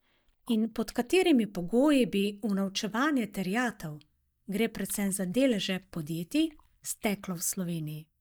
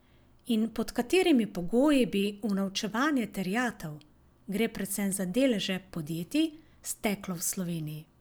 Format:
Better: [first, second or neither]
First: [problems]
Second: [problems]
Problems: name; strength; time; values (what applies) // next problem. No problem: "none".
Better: second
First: noise reduction (neural mask model DeepFilterNet 3)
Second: none